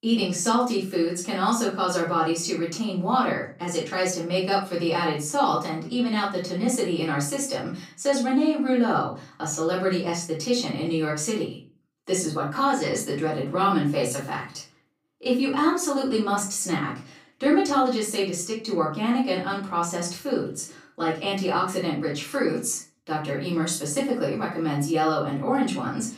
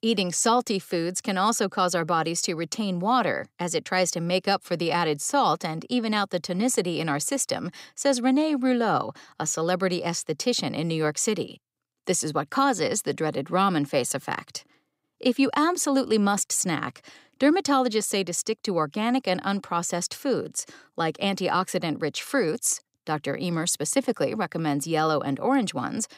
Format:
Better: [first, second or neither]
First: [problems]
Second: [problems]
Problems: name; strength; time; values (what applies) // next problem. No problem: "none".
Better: second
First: off-mic speech; far // room echo; slight; dies away in 0.3 s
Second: none